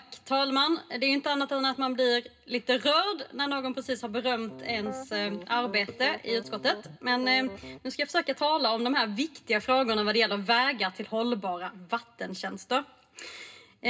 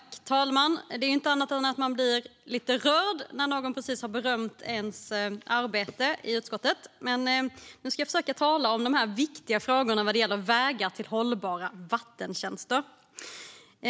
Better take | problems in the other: second | background sound (Piano); 13 dB below the speech // room echo; dies away in 0.2 s

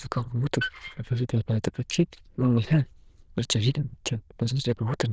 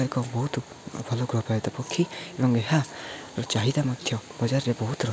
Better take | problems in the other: second | noise reduction (neural diffusion model UNIVERSE++)

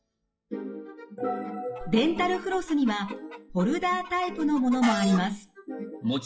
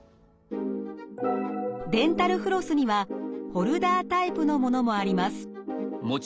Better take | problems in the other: second | noise reduction (classical method WPE with log-MMSE)

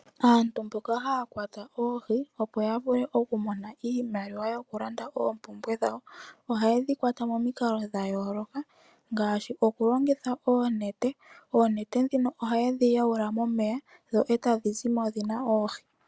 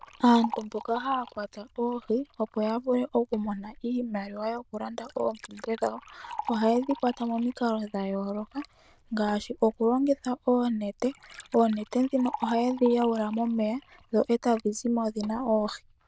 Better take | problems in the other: first | noise reduction (neural diffusion model UNIVERSE++)

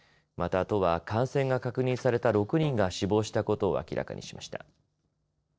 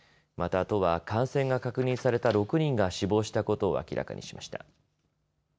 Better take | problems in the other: second | noise reduction (neural separator model SepFormer DNS4)

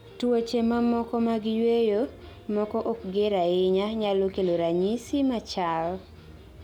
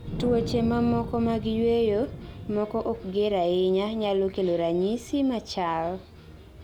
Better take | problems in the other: first | background sound (Wind); 12 dB below the speech

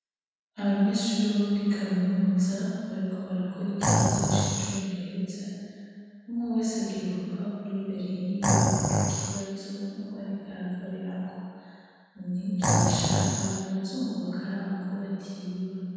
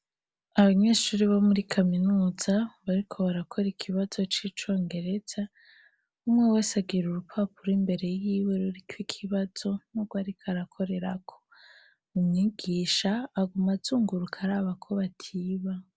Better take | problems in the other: second | background sound (Animal); 4 dB above the speech // room echo; dies away in 2.1 s

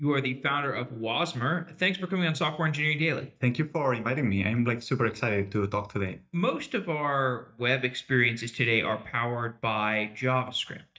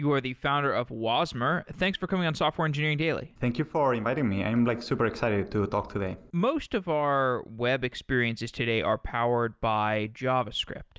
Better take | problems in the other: second | noise reduction (neural mask model DeepFilterNet 3)

